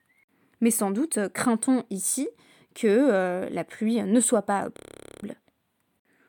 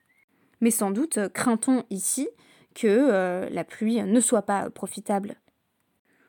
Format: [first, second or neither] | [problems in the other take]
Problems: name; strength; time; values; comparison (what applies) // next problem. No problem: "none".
second | audio freezing; at 5 s